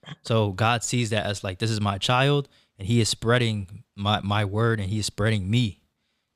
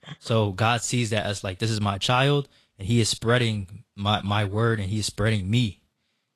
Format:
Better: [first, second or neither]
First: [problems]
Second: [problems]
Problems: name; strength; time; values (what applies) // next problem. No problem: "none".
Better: first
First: none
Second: garbled, watery; slightly